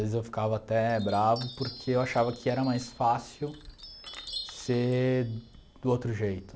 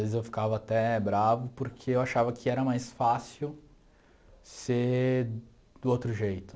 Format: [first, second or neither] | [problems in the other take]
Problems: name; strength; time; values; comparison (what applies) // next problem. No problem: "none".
second | background sound (Chime); 17 dB below the speech